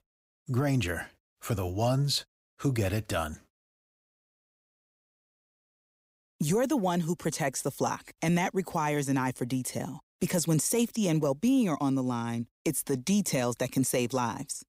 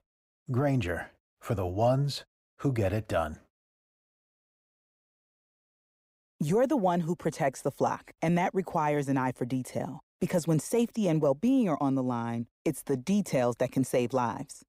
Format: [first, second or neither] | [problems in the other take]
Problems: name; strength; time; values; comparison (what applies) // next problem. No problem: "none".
first | muffled; slightly; fading above 3 kHz